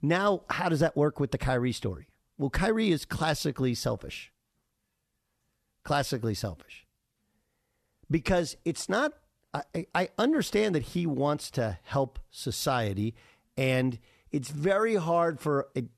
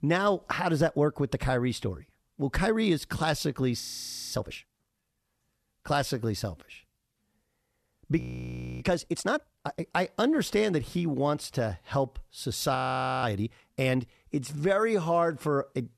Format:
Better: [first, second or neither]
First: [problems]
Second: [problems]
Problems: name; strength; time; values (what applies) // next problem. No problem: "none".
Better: first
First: none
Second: audio freezing; at 4 s for 0.5 s, at 8 s for 0.5 s and at 13 s